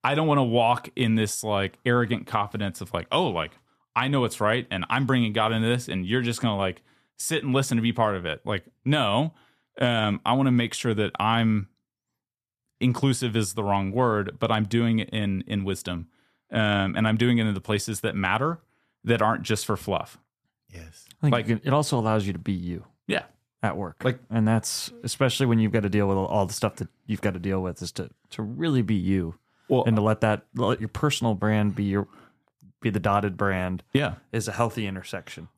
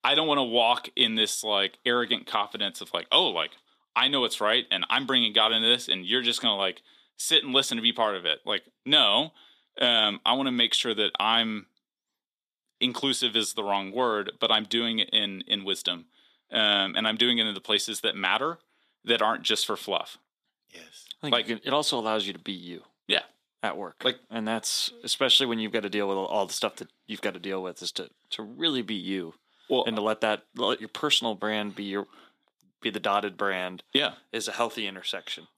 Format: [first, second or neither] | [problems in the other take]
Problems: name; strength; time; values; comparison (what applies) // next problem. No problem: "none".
first | thin; somewhat; fading below 250 Hz